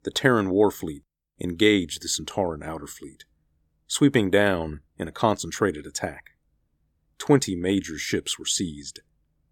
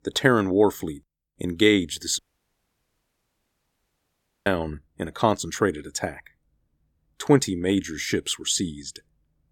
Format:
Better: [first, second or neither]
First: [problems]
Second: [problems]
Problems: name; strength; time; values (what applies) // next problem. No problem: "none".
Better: first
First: none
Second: audio cutting out; at 2 s for 2.5 s